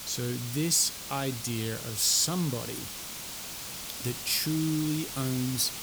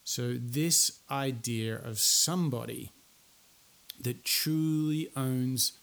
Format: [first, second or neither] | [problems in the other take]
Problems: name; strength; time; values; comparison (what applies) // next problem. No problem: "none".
second | hiss; loud; throughout; 8 dB below the speech; faint in the second